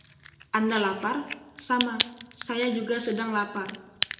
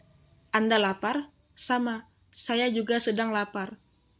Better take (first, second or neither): second